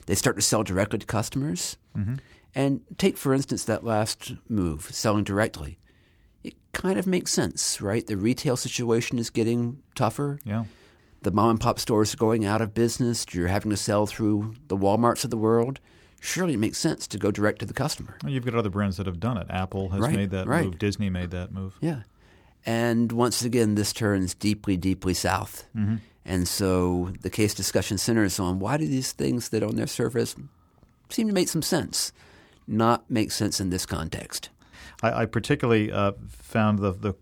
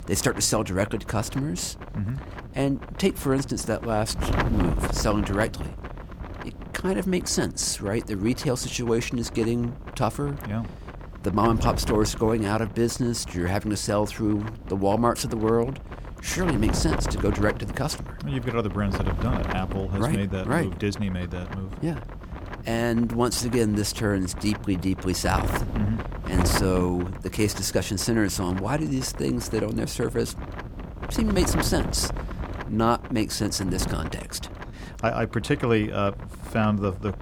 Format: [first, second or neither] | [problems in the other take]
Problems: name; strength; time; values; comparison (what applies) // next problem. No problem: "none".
first | wind noise on the microphone; heavy; 9 dB below the speech